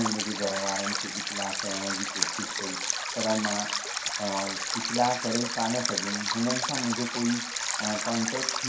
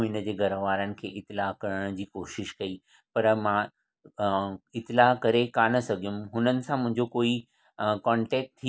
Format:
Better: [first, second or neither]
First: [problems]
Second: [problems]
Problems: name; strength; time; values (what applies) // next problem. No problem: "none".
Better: second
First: background sound (Stream); as loud as the speech // room echo; dies away in 0.5 s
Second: none